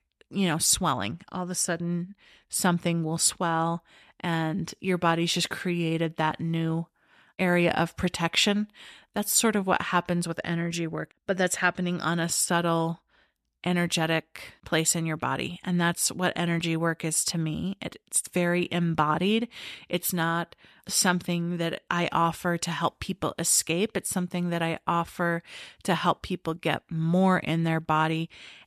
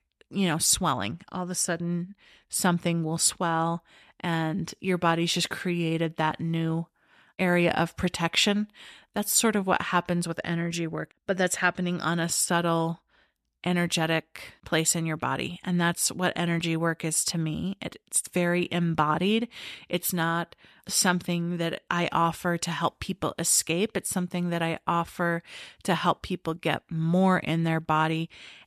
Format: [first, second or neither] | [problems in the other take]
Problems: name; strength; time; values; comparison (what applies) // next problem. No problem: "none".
neither | none